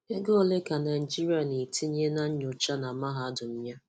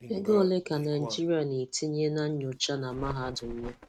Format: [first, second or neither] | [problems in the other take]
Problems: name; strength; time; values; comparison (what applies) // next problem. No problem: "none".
first | noise reduction (neural mask model RNNoise)